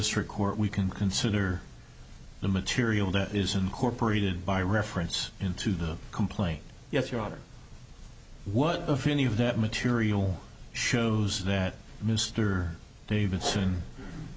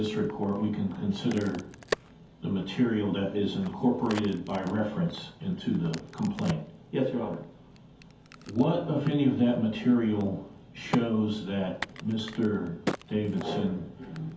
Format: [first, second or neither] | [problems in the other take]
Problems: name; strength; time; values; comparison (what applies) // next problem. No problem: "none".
first | background sound (Crack); 14 dB below the speech // room echo; dies away in 0.5 s